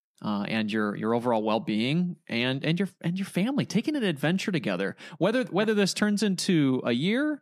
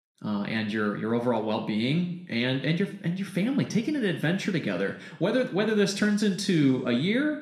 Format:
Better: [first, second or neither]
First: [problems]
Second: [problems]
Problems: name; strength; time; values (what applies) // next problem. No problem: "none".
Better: first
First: none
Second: room echo; slight; dies away in 0.7 s